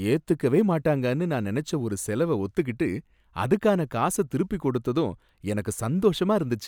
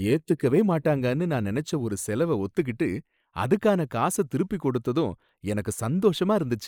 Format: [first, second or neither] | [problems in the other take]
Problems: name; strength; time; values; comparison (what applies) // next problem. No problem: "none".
first | noise reduction (neural mask model Resemble Enhance denoiser)